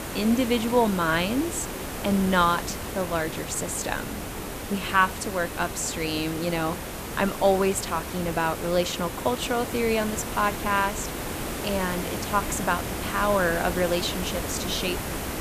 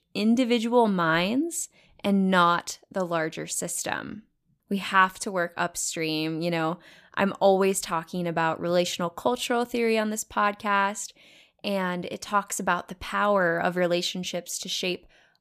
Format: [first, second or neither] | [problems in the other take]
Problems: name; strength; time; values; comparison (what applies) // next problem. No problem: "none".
second | hiss; loud; throughout; 6 dB below the speech